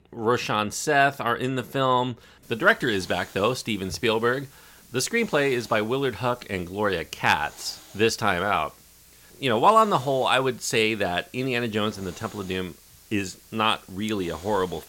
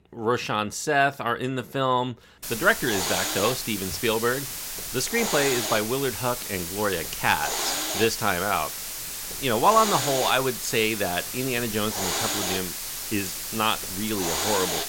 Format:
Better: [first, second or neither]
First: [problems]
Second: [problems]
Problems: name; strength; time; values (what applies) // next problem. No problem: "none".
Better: first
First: hiss; faint; from 2.5 s on; 25 dB below the speech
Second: hiss; loud; from 2.5 s on; 3 dB below the speech